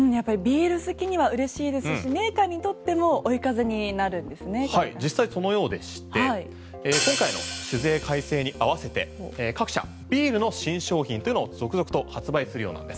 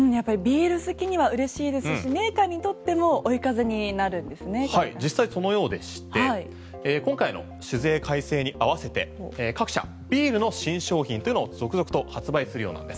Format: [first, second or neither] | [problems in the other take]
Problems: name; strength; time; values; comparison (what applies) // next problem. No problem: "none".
second | background sound (Hi-hat); 7 dB below the speech